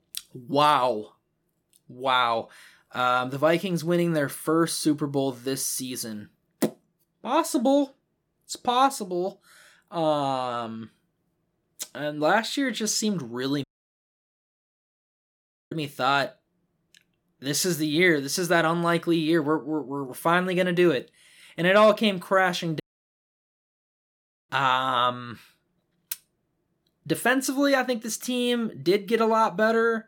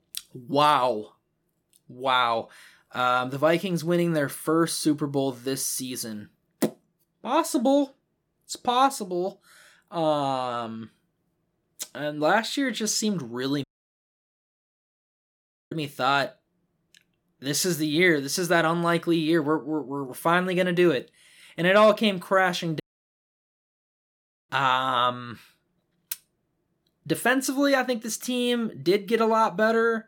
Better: neither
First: audio cutting out; at 14 s for 2 s and at 23 s for 1.5 s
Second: audio cutting out; at 14 s for 2 s and at 23 s for 1.5 s

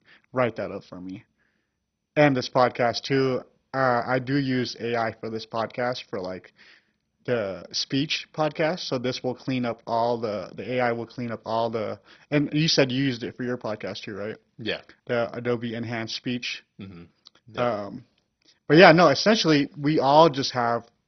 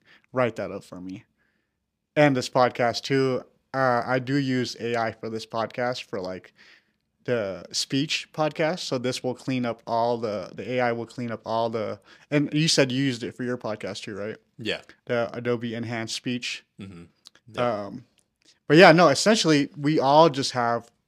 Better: second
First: garbled, watery; badly; nothing above 6 kHz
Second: none

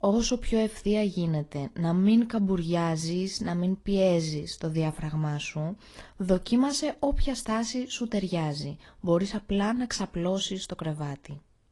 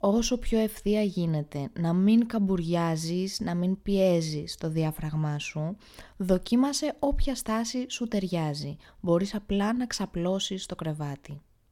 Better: second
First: garbled, watery; slightly; nothing above 10.5 kHz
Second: none

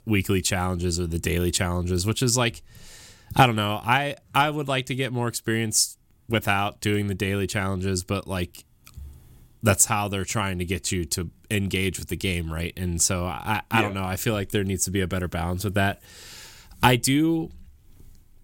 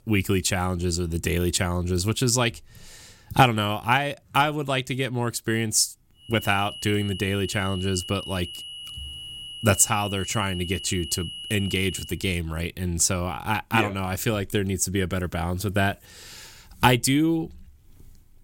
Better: first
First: none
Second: high-pitched whine; noticeable; from 6.5 to 12 s; 3 kHz, 10 dB below the speech

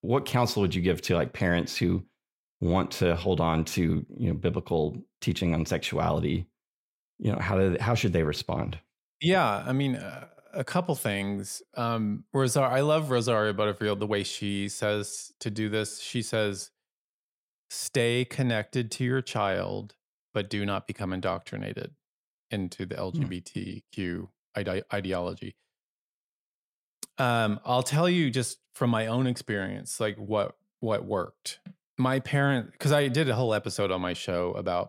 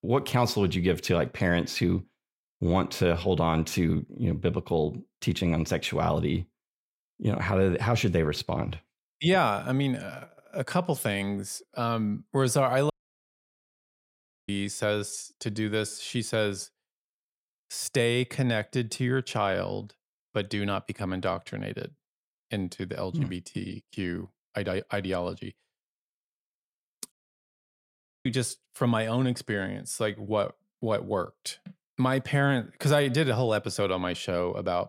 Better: first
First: none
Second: audio cutting out; at 13 s for 1.5 s and at 27 s for 1 s

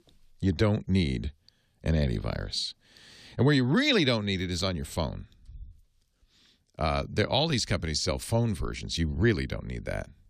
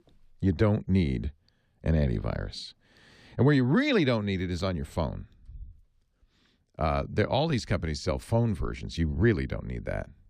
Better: first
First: none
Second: muffled; slightly; fading above 2.5 kHz

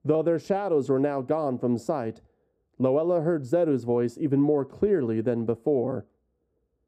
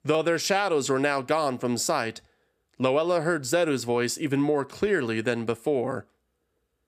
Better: second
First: muffled; very; fading above 1 kHz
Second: none

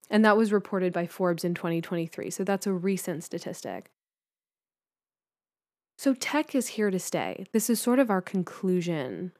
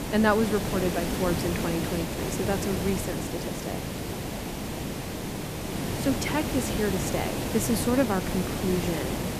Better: first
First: none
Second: hiss; loud; throughout; 2 dB below the speech

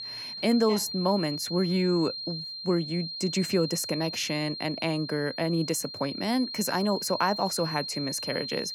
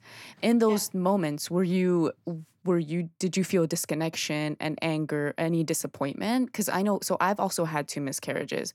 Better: second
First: high-pitched whine; loud; throughout; 4 kHz, 6 dB below the speech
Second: none

